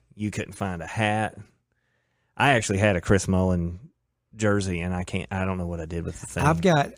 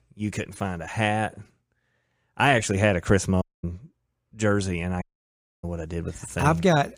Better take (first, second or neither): first